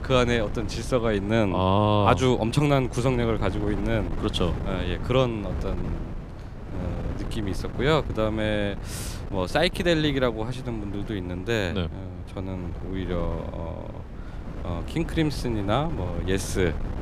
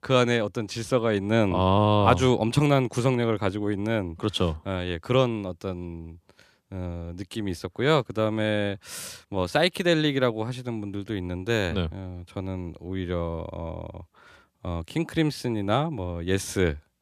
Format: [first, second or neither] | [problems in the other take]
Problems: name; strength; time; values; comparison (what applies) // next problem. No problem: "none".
second | wind noise on the microphone; occasional gusts; 15 dB below the speech